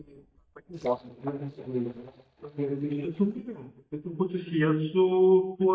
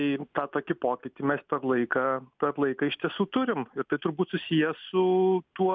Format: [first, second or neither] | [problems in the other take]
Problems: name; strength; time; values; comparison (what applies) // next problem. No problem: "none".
second | noise reduction (neural mask model DeepFilterNet 3)